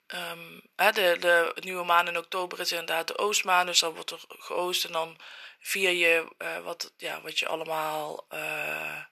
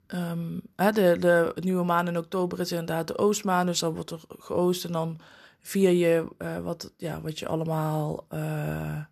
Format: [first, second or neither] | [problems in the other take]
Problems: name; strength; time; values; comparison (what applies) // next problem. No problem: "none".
second | thin; very; fading below 700 Hz